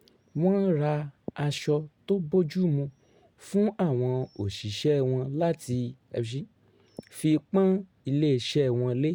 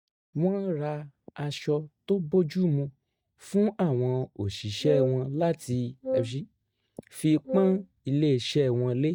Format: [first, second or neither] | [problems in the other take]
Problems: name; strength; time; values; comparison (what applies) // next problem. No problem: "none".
first | noise reduction (neural mask model DeepFilterNet 3)